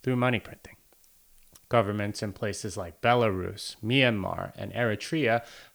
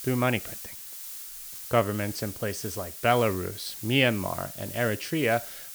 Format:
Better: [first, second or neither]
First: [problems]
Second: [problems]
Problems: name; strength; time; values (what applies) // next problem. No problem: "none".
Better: first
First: hiss; faint; throughout; 30 dB below the speech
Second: hiss; loud; throughout; 9 dB below the speech